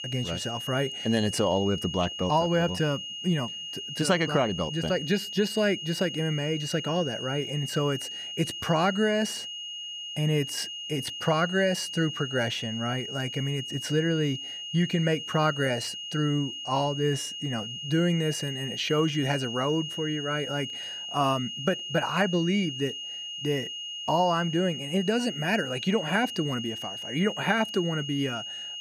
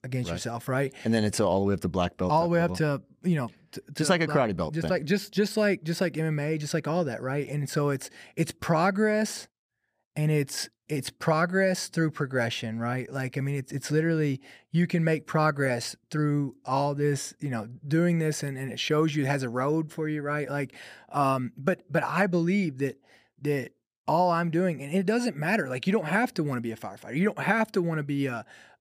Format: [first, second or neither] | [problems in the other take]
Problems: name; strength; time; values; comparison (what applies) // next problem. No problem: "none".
second | high-pitched whine; loud; throughout; 3 kHz, 6 dB below the speech